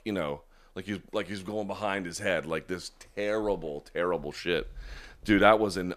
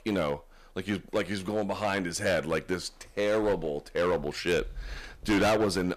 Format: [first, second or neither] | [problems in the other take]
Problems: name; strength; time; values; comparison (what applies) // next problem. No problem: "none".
first | distortion; heavy; 7% of the sound clipped